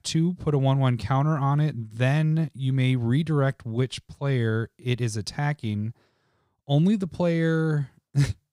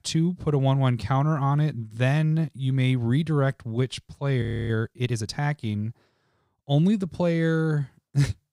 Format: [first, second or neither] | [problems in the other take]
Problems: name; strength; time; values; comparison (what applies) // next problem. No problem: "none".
first | audio freezing; at 4.5 s